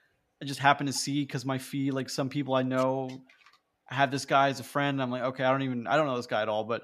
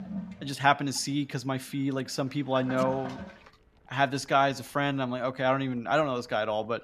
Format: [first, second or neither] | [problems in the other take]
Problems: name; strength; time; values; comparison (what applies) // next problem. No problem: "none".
first | household noises; noticeable; throughout; 15 dB below the speech